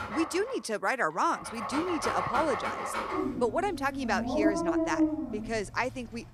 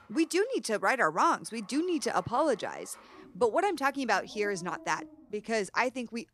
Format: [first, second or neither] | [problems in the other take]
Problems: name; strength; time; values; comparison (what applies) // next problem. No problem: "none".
second | animal sounds; loud; throughout; 1 dB below the speech; faint in the second